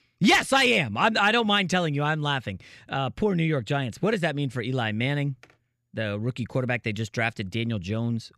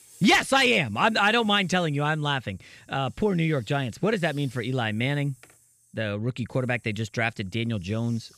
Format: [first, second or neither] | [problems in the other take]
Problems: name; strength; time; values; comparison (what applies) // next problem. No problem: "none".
first | hiss; faint; throughout; 30 dB below the speech